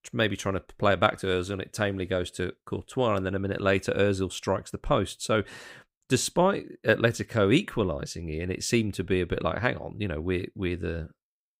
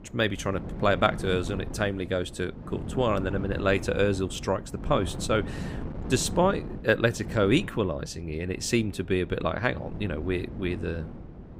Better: first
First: none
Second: wind noise on the microphone; occasional gusts; 15 dB below the speech

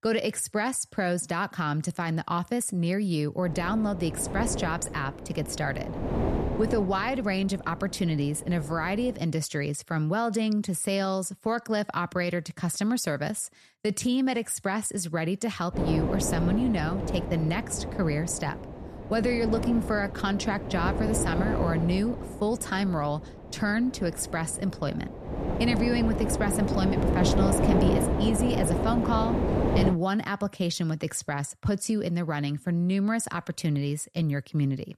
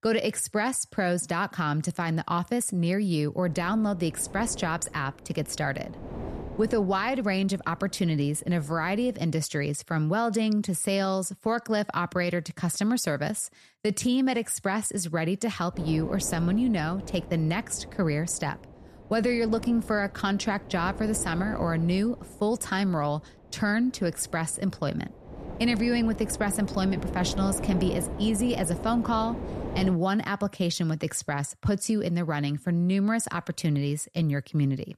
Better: second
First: wind noise on the microphone; heavy; from 3.5 to 9 s and from 16 to 30 s; 3 dB below the speech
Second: wind noise on the microphone; occasional gusts; from 3.5 to 9 s and from 16 to 30 s; 10 dB below the speech

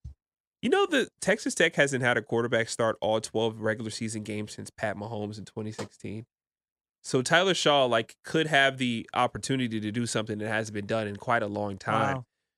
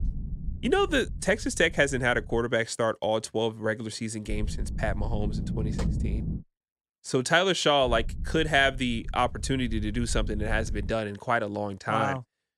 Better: first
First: none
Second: low rumble; faint; until 2.5 s, from 4.5 to 6.5 s and from 8 to 11 s; 20 dB below the speech

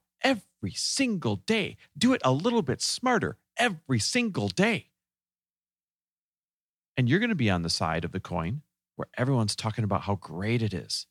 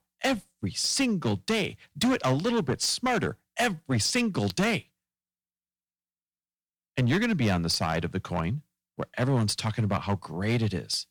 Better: first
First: none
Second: distortion; slight; 7% of the sound clipped

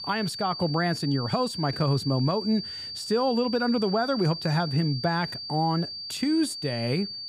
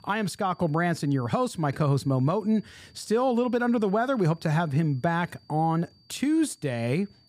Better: second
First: high-pitched whine; loud; throughout; 4.5 kHz, 7 dB below the speech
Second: high-pitched whine; faint; throughout; 4.5 kHz, 35 dB below the speech

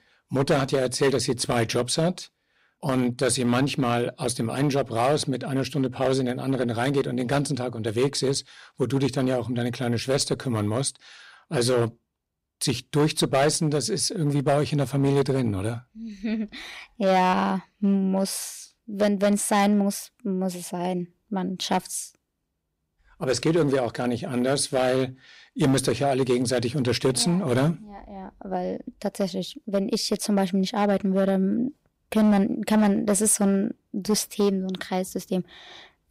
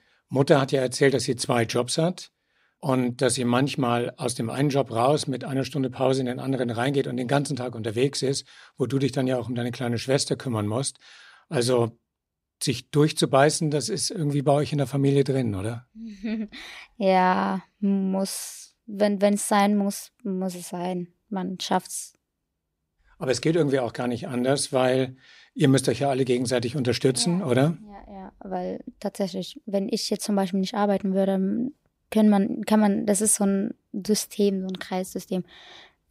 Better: second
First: distortion; slight; 4% of the sound clipped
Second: none

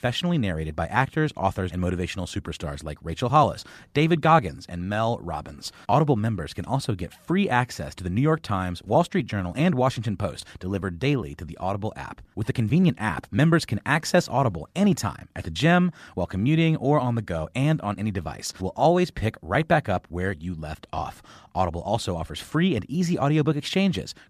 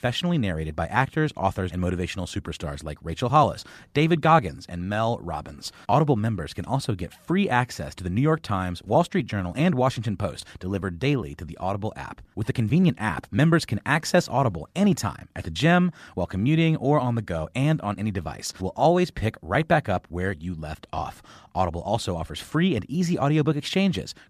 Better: neither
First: none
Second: none

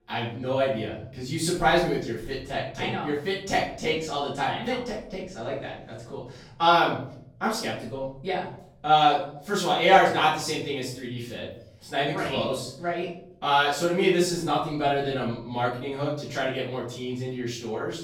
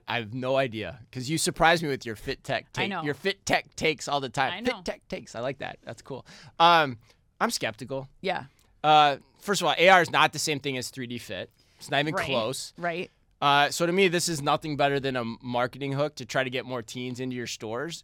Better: second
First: off-mic speech; far // room echo; noticeable; dies away in 0.7 s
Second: none

